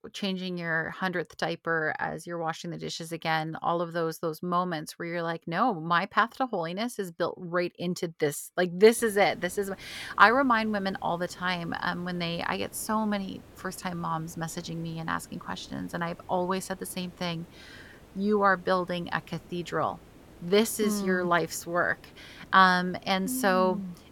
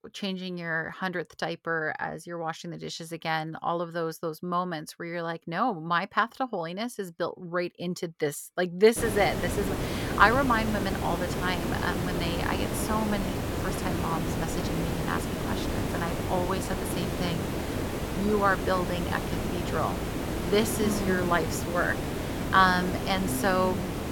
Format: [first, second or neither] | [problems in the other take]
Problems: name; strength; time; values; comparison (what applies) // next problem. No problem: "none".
first | hiss; loud; from 9 s on; 2 dB below the speech; faint in the first